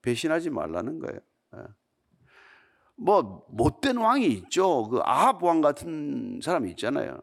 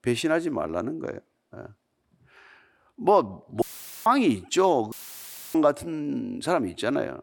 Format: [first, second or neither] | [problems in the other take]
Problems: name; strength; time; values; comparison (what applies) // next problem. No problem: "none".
first | audio cutting out; filled with static; at 3.5 s and at 5 s for 0.5 s